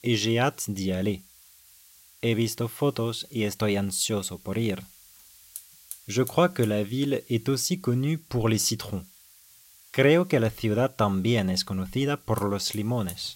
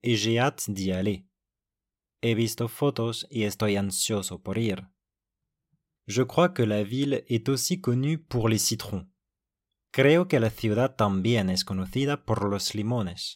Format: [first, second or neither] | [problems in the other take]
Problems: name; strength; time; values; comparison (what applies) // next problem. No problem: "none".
second | hiss; faint; throughout; 20 dB below the speech